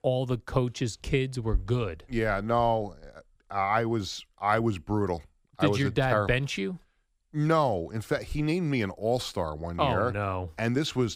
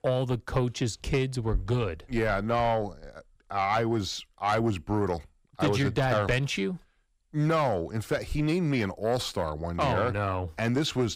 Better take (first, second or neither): first